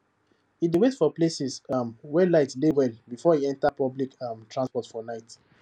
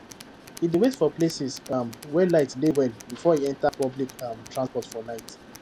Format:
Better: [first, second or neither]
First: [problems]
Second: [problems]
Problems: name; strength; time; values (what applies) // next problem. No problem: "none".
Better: first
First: none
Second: background sound (Mechanisms + Tools); 19 dB below the speech